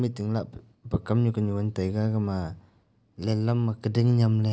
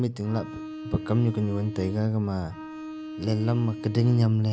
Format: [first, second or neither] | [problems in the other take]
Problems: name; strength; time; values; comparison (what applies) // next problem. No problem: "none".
first | background sound (Bowed string instrument); 12 dB below the speech